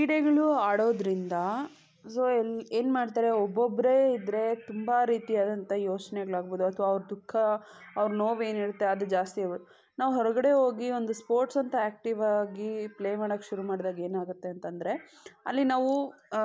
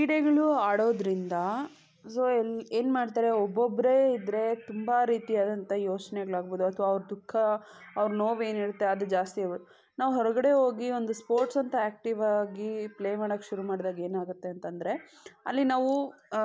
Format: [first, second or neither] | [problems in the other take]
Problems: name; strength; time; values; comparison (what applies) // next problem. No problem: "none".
first | background sound (Cowbell); 10 dB below the speech